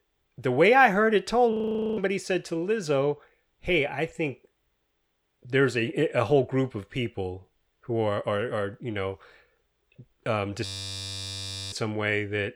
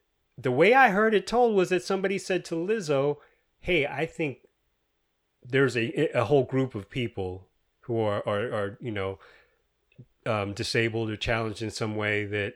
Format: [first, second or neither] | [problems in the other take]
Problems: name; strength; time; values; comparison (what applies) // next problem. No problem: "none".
second | audio freezing; at 1.5 s and at 11 s for 1 s